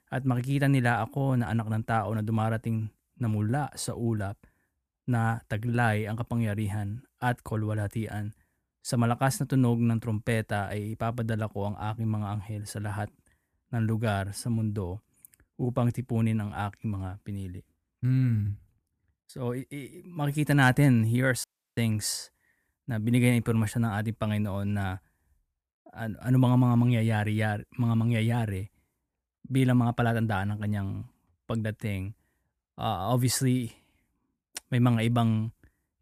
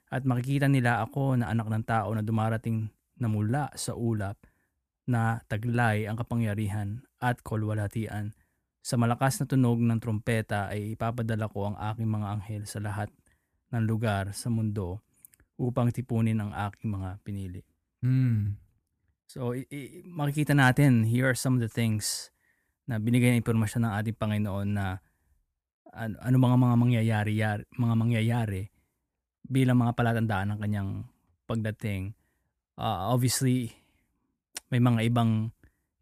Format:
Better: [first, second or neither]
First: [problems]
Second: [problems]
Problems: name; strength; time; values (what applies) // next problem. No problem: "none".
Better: second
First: audio cutting out; at 21 s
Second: none